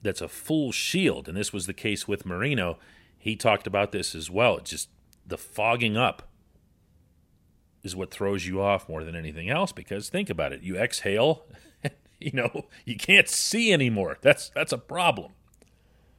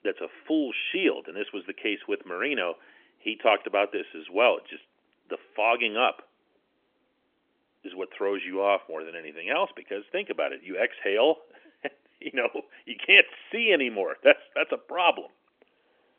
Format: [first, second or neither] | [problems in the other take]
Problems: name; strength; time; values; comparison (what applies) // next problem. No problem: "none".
first | phone-call audio; nothing above 3 kHz